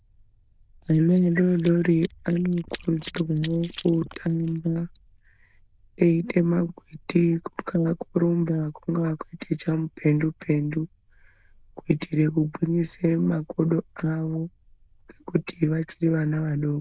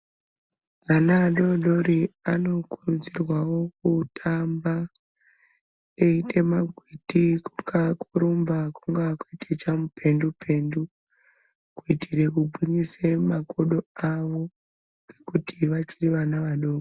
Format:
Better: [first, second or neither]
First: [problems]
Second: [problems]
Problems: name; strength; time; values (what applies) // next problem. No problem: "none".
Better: second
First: noise reduction (neural diffusion model UNIVERSE++)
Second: none